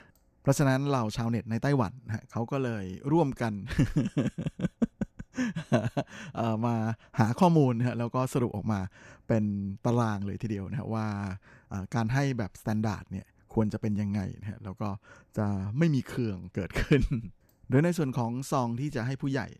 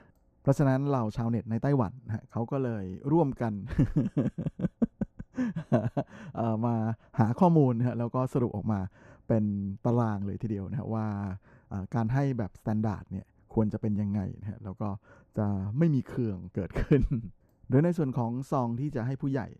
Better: first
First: none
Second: muffled; slightly; fading above 1.5 kHz

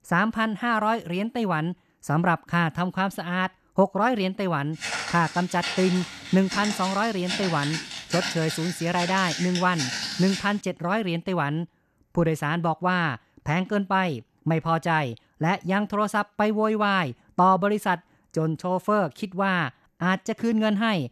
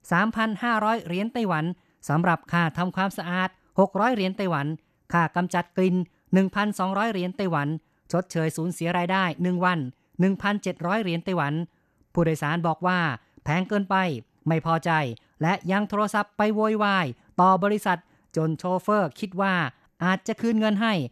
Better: second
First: footsteps; noticeable; from 5 to 11 s; peak 2 dB below the speech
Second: none

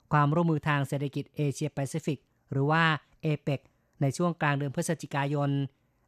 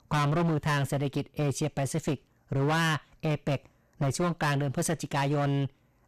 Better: first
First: none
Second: distortion; heavy; 19% of the sound clipped

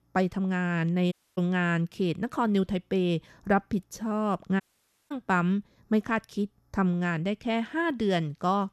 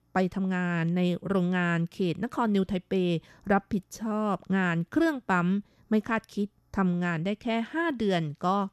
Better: second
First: audio cutting out; at 1 s and at 4.5 s for 0.5 s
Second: none

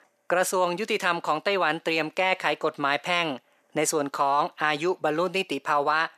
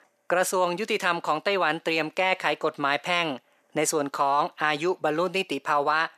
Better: neither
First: thin; somewhat; fading below 450 Hz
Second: thin; somewhat; fading below 450 Hz

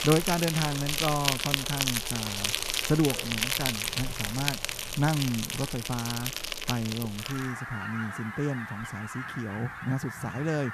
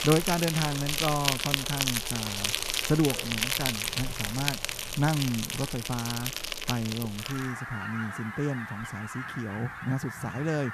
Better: neither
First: animal sounds; very loud; throughout; as loud as the speech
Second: animal sounds; very loud; throughout; as loud as the speech

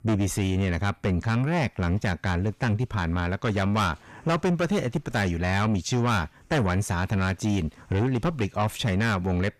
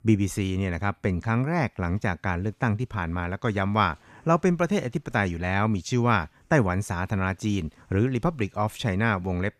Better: second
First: distortion; heavy; 7 dB below the speech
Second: none

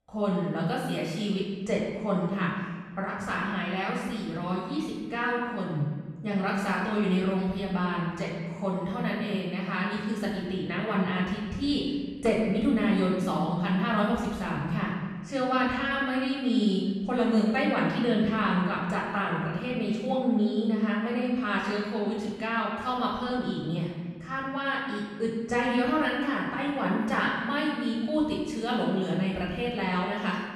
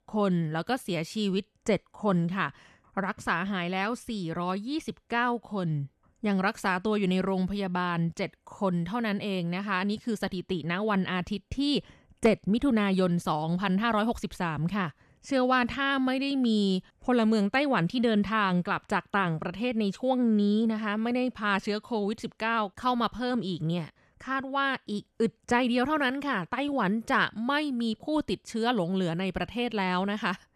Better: second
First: off-mic speech; far // room echo; noticeable; dies away in 1.3 s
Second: none

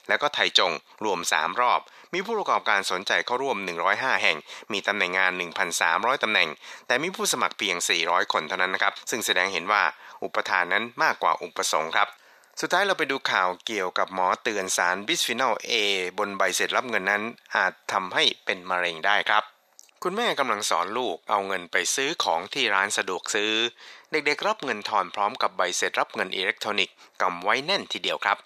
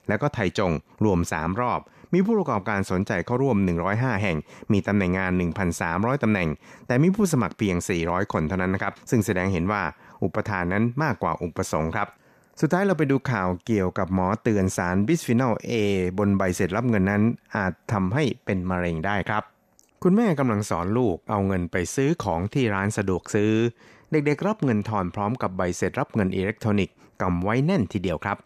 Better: second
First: thin; very; fading below 750 Hz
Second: none

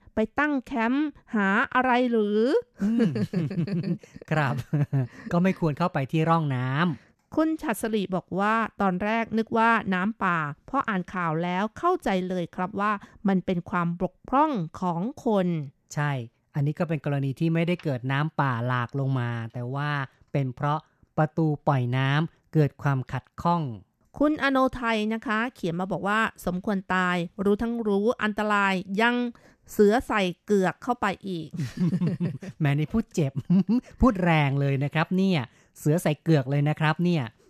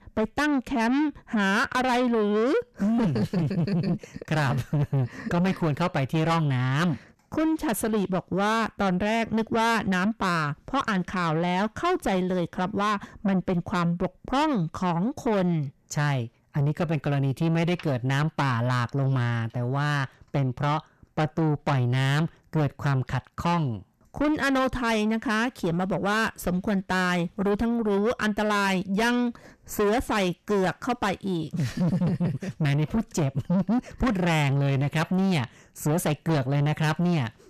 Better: first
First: none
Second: distortion; heavy; 7 dB below the speech

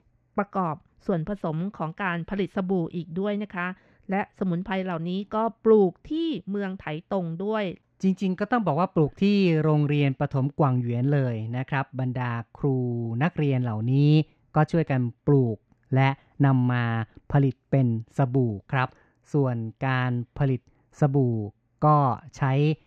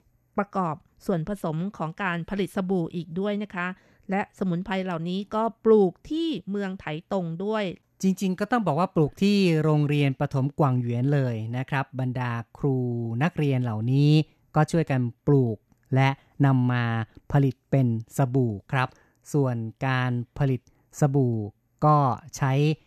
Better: second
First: muffled; very slightly; fading above 3.5 kHz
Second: none

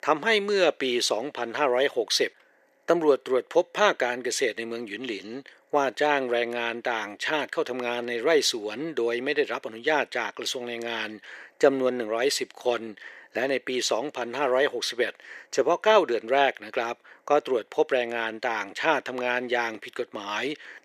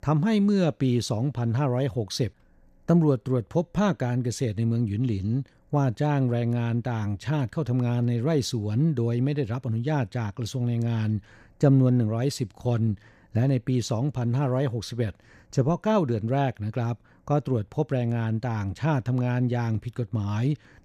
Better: second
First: thin; very; fading below 400 Hz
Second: none

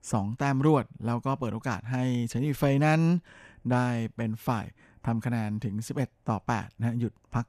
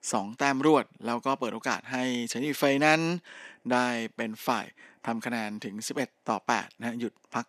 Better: first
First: none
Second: thin; somewhat; fading below 250 Hz

